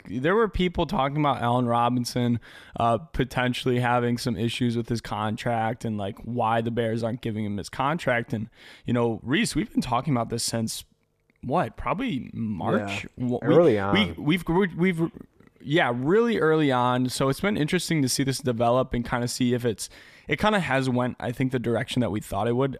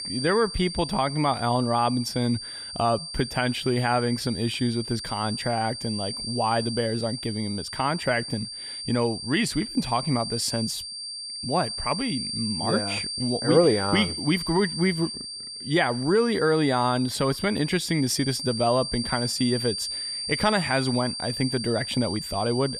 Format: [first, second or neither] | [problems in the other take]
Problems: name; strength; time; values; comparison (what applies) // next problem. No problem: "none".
first | high-pitched whine; loud; throughout; 4.5 kHz, 6 dB below the speech